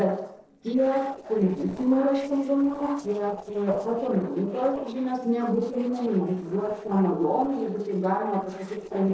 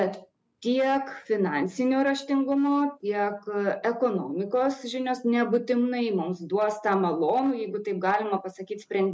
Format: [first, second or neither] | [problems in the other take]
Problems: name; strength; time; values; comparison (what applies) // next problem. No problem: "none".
second | noise reduction (neural separator model SepFormer DNS4)